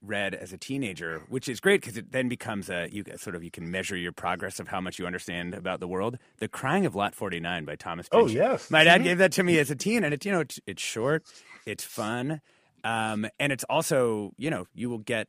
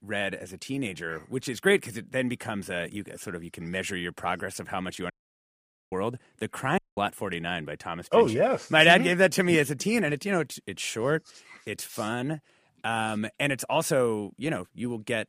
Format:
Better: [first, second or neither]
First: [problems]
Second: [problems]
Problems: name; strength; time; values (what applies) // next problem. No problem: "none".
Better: first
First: none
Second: audio cutting out; at 5 s for 1 s and at 7 s